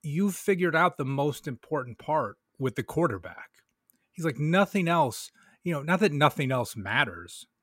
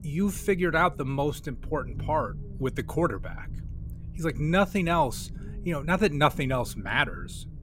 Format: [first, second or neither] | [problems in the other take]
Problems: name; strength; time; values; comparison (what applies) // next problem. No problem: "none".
first | low rumble; faint; throughout; 25 dB below the speech